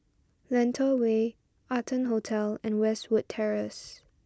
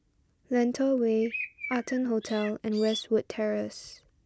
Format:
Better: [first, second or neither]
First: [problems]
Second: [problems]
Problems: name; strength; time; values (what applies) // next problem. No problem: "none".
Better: first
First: none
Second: background sound (Bird); 11 dB below the speech